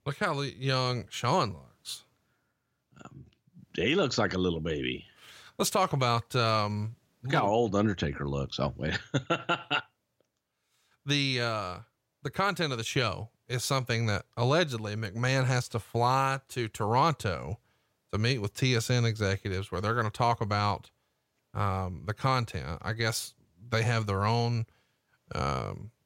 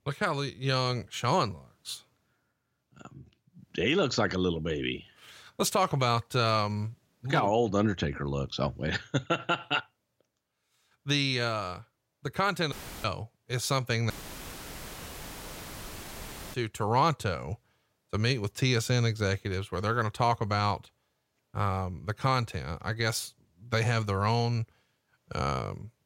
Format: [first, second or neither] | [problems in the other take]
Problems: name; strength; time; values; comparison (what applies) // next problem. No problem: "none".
first | audio cutting out; filled with static; at 13 s and at 14 s for 2.5 s